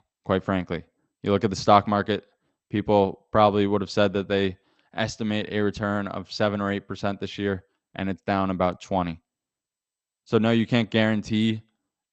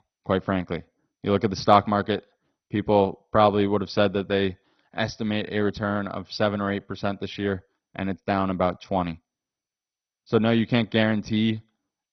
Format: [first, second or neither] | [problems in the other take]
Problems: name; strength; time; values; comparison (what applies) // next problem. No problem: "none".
first | garbled, watery; badly; nothing above 6 kHz; slightly in the first